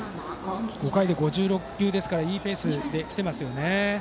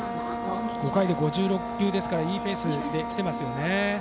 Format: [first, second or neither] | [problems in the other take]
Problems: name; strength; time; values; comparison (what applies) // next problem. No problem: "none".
first | background sound (Wind instrument, woodwind instrument); 5 dB below the speech